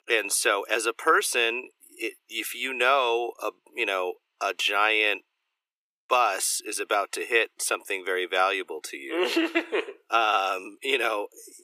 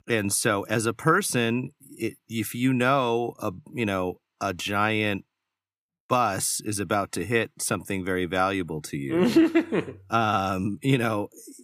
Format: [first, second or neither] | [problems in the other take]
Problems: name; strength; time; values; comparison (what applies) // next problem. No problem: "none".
second | thin; very; fading below 400 Hz